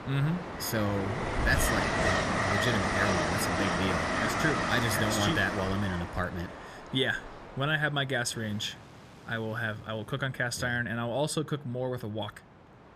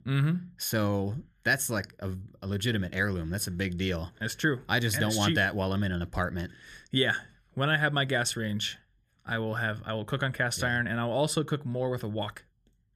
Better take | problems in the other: second | train or aircraft noise; very loud; throughout; 1 dB above the speech

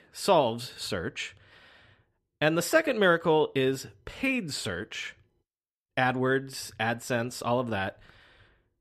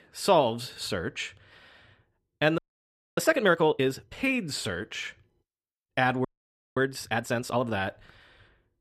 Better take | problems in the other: first | audio freezing; at 2.5 s for 0.5 s and at 6.5 s for 0.5 s

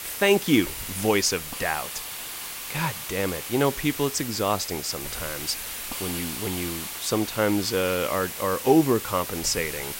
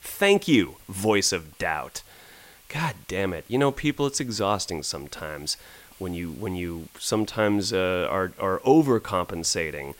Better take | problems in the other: second | hiss; loud; throughout; 7 dB below the speech; faint in the second

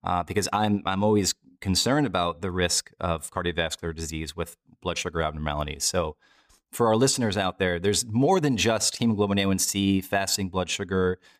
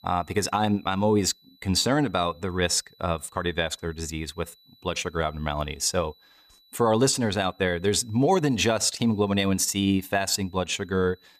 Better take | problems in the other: first | high-pitched whine; faint; throughout; 4 kHz, 30 dB below the speech

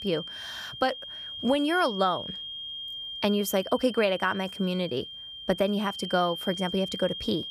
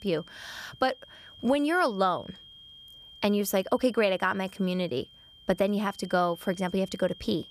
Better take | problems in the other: second | high-pitched whine; loud; throughout; 3 kHz, 8 dB below the speech; faint in the second

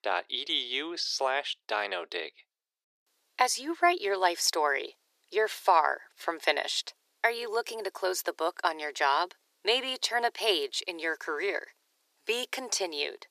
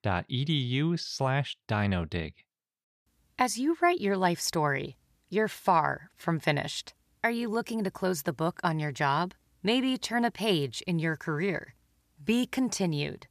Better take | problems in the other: second | thin; very; fading below 400 Hz

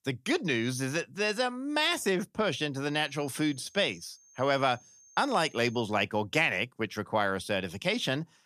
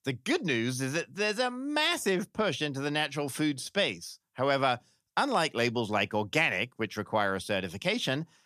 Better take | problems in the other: second | high-pitched whine; faint; from 3 to 6 s; 6.5 kHz, 25 dB below the speech

